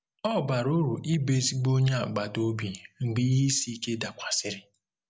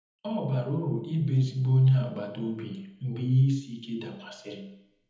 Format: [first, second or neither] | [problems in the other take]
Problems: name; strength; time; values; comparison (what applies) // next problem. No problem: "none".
first | room echo; dies away in 1 s